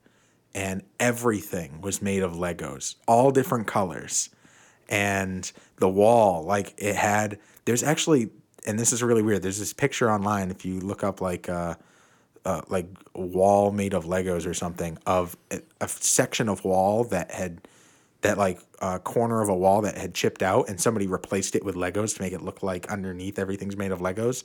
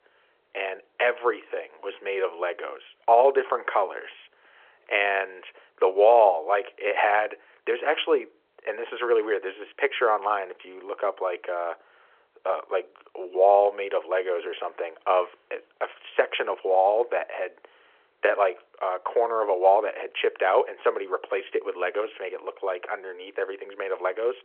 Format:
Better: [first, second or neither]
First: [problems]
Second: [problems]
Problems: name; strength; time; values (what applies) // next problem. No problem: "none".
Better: first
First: none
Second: phone-call audio